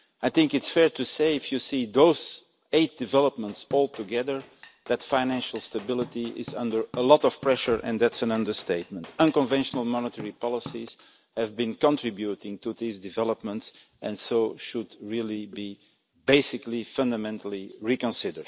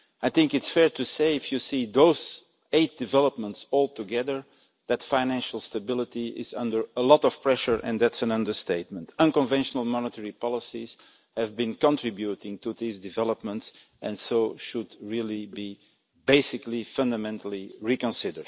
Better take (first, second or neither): second